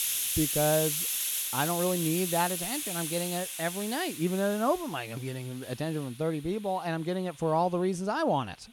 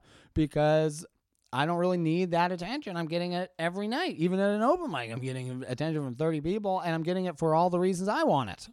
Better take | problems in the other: second | hiss; loud; throughout; as loud as the speech

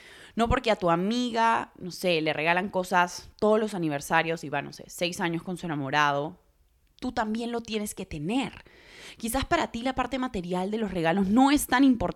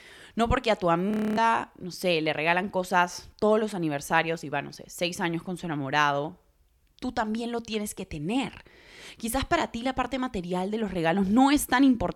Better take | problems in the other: first | audio freezing; at 1 s

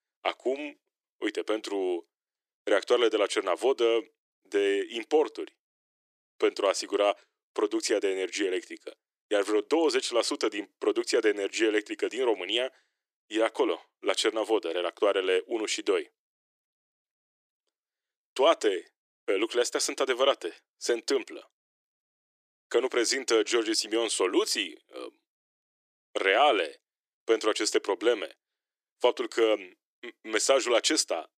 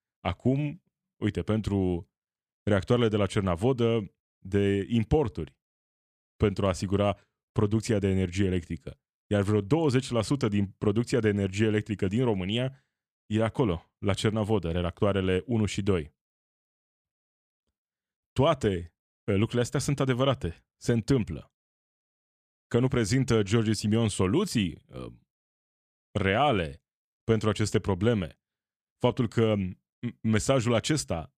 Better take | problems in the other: second | thin; very; fading below 350 Hz

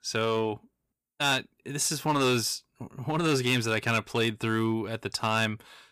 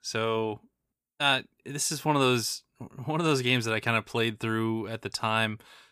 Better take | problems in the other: second | distortion; slight; 4% of the sound clipped

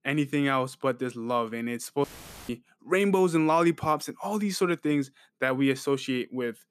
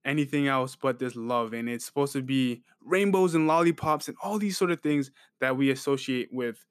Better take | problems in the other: second | audio cutting out; filled with static; at 2 s

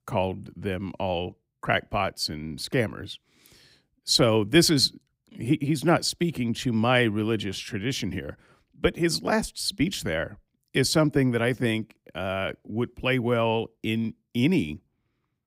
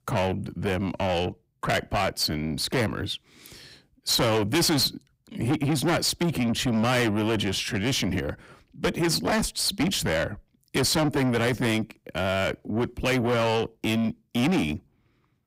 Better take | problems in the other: first | distortion; heavy; 6 dB below the speech

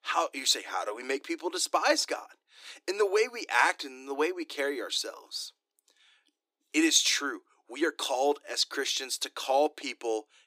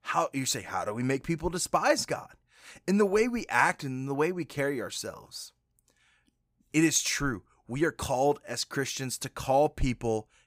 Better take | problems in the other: second | thin; somewhat; fading below 300 Hz

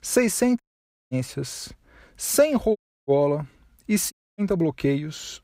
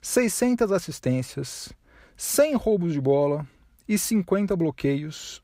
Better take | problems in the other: second | audio cutting out; at 0.5 s for 0.5 s, at 3 s and at 4 s

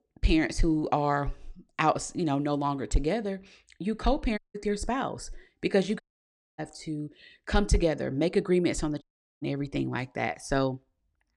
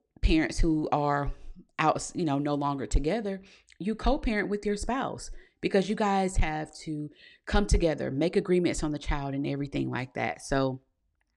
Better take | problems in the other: second | audio cutting out; at 4.5 s, at 6 s for 0.5 s and at 9 s

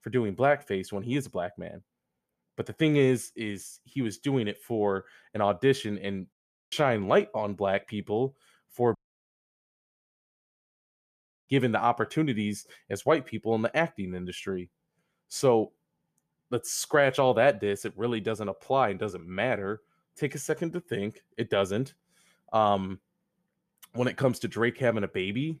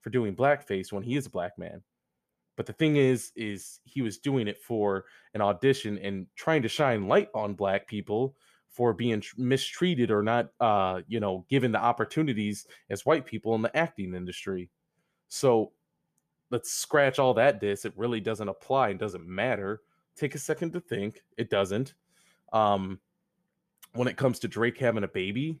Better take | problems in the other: second | audio cutting out; at 6.5 s and at 9 s for 2.5 s

